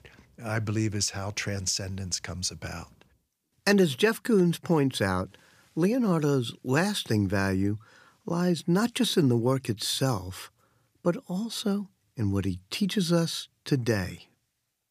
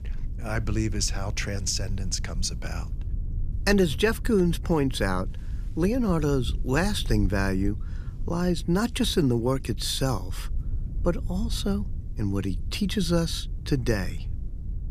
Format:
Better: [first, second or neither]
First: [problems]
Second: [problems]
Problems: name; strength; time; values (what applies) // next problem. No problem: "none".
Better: first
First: none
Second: low rumble; faint; throughout; 20 dB below the speech